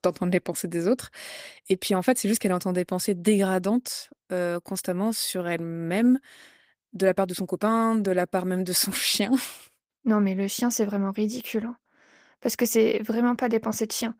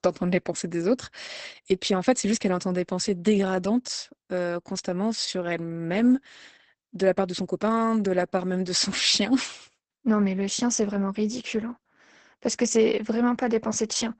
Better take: first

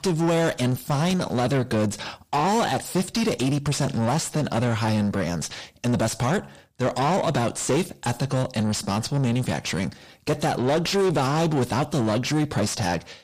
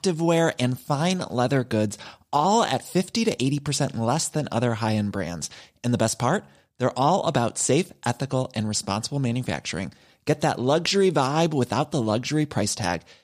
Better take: second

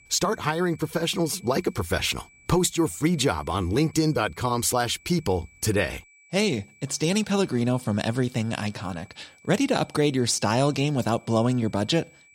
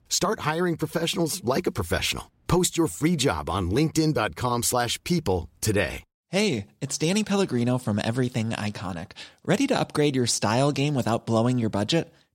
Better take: second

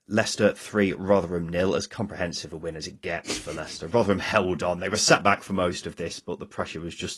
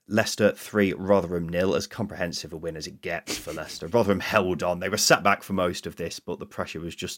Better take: second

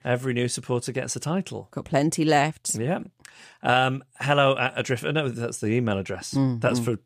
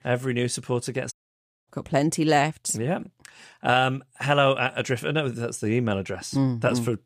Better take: first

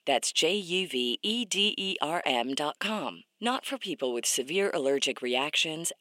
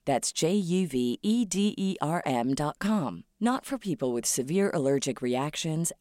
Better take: second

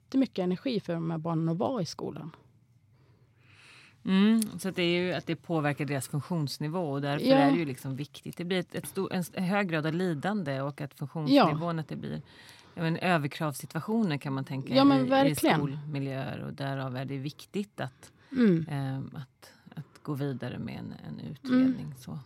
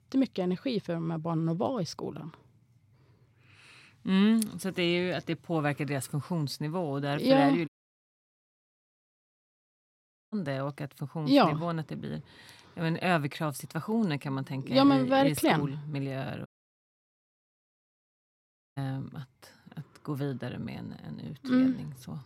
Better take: first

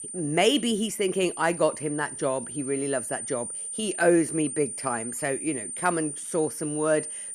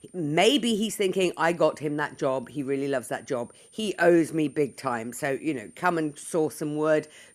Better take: second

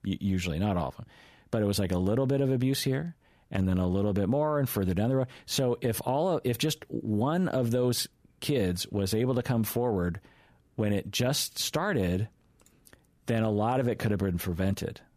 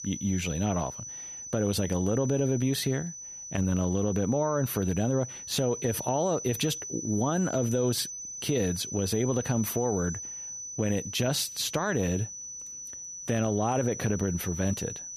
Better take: first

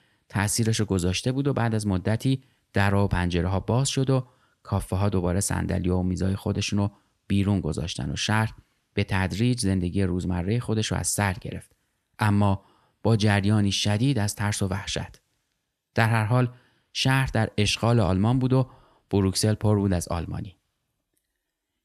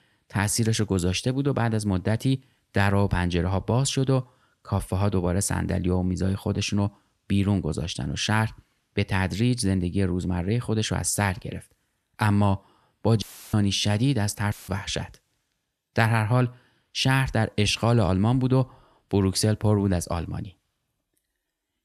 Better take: first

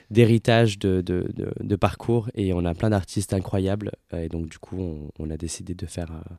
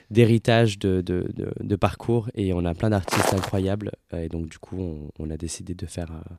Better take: first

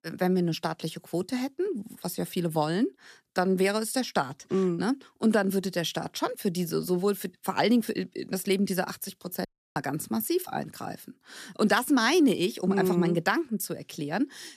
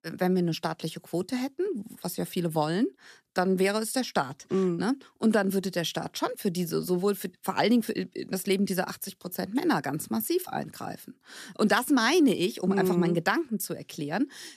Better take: second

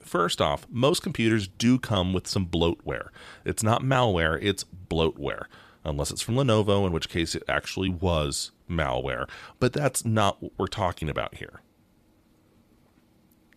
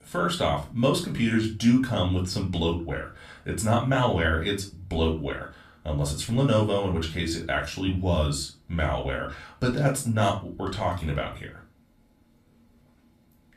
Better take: first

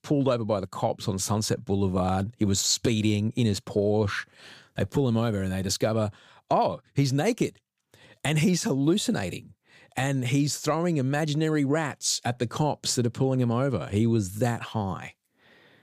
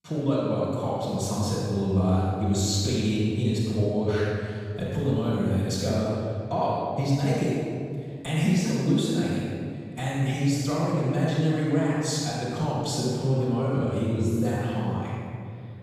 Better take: first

